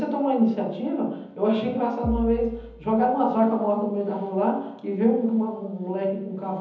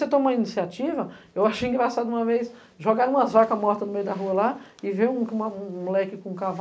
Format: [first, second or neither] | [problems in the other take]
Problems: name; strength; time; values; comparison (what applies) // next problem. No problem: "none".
second | background sound (Bass drum); 11 dB below the speech // room echo; dies away in 1.3 s